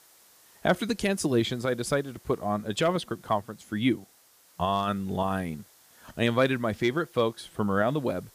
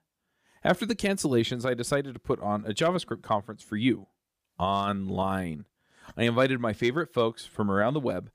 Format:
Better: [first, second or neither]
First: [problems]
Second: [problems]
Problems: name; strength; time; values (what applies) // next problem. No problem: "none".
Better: second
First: hiss; faint; throughout; 25 dB below the speech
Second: none